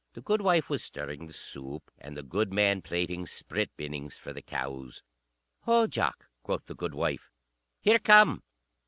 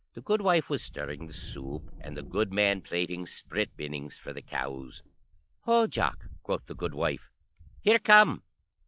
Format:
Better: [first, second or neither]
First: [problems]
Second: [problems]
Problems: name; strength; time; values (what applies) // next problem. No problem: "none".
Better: first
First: none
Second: noise reduction (classical method log-MMSE)